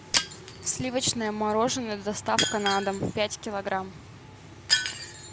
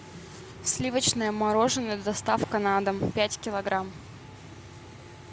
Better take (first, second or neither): second